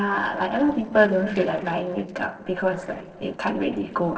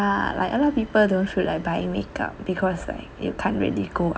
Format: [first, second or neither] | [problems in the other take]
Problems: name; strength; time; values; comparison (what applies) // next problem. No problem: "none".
second | noise reduction (neural separator model SepFormer DNS4)